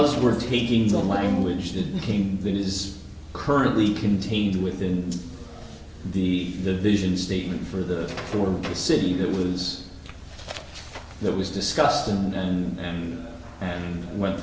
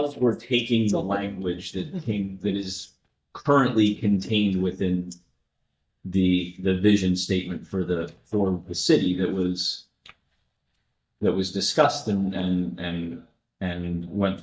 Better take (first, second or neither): first